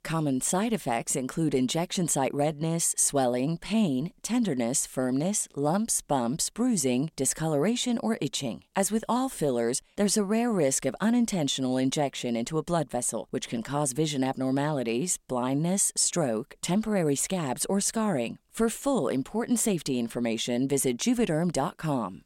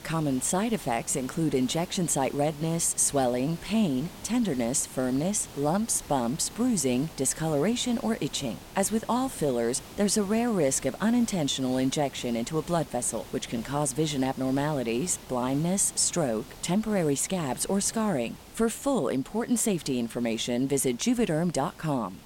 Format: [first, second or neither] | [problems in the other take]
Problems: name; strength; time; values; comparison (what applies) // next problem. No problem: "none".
first | hiss; noticeable; throughout; 20 dB below the speech